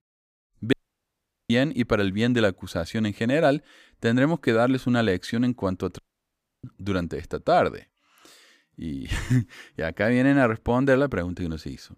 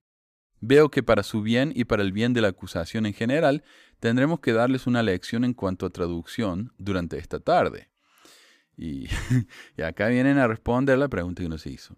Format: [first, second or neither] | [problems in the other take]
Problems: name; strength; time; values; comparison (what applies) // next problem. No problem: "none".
second | audio cutting out; at 0.5 s for 1 s and at 6 s for 0.5 s